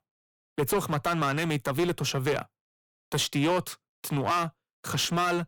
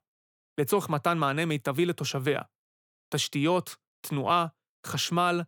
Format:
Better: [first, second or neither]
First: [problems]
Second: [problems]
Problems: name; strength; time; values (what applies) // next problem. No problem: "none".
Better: second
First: distortion; heavy; 10% of the sound clipped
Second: none